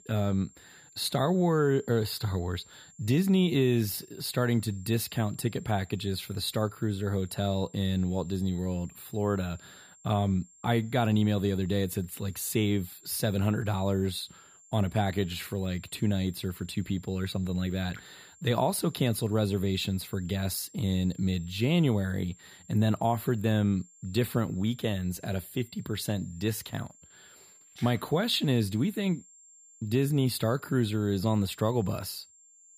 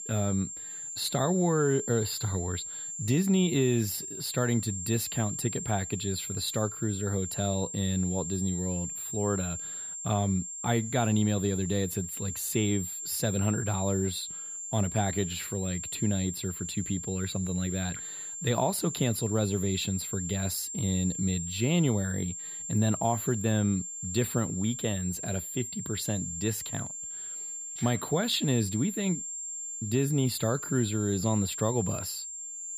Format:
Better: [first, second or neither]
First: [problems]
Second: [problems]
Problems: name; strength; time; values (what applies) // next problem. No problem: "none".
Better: first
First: high-pitched whine; faint; throughout; 7.5 kHz, 25 dB below the speech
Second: high-pitched whine; loud; throughout; 7.5 kHz, 5 dB below the speech